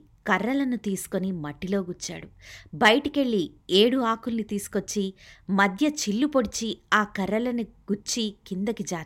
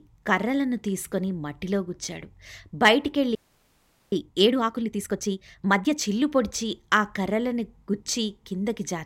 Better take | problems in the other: first | audio freezing; at 3.5 s for 1 s

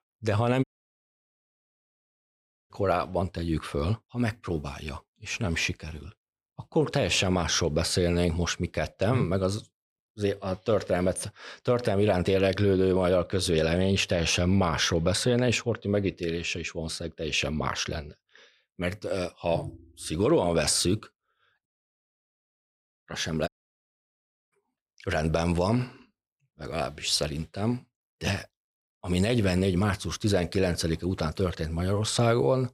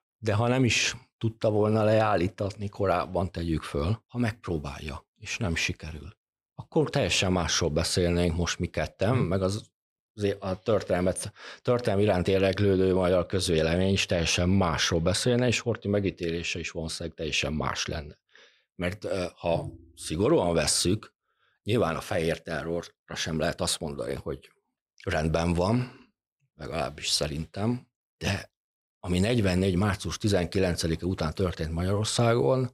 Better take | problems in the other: second | audio cutting out; at 0.5 s for 2 s, at 22 s for 1.5 s and at 23 s for 1 s

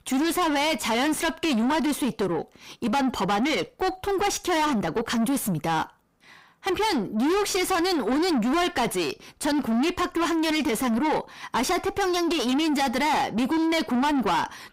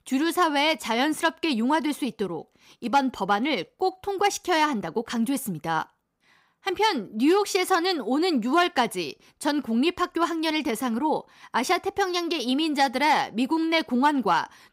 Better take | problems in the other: second | distortion; heavy; 6 dB below the speech

